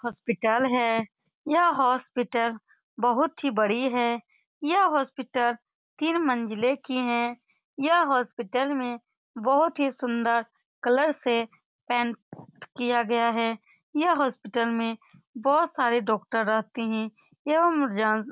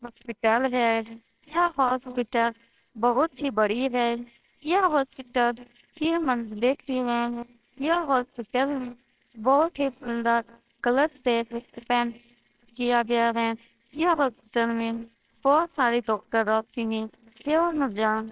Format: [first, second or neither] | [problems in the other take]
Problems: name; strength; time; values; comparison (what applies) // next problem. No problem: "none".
first | noise reduction (neural separator model SepFormer WHAMR!)